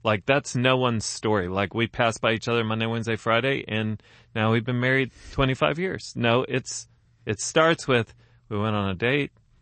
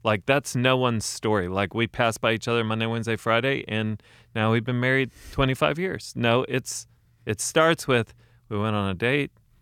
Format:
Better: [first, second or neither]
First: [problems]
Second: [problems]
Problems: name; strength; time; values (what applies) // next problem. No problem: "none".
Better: second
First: garbled, watery; slightly; nothing above 8 kHz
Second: none